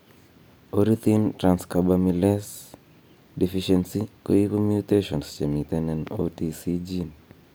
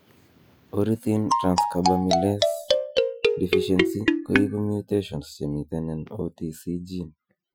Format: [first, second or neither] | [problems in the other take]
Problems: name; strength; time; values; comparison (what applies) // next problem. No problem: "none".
first | noise reduction (classical method Wiener filter)